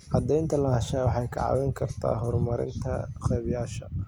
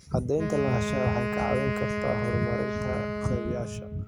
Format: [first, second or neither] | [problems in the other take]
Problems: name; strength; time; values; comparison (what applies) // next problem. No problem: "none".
first | background sound (Wind instrument, woodwind instrument); 2 dB below the speech